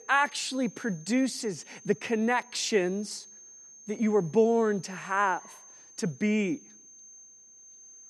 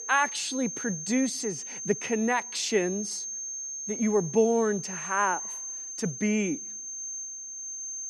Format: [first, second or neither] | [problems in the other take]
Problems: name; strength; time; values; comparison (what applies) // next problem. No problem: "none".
first | high-pitched whine; loud; throughout; 6.5 kHz, 6 dB below the speech; faint in the first